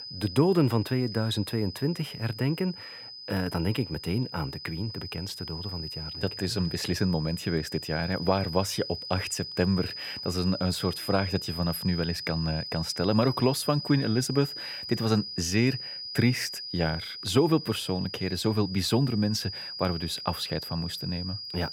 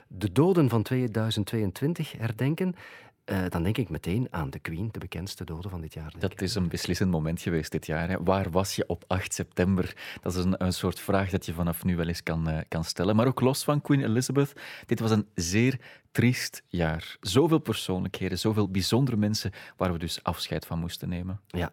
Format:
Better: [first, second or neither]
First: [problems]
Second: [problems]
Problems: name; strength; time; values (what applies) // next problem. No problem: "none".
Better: second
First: high-pitched whine; loud; throughout; 5 kHz, 8 dB below the speech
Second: none